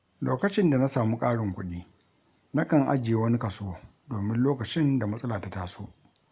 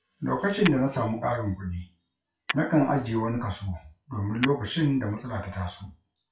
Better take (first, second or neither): first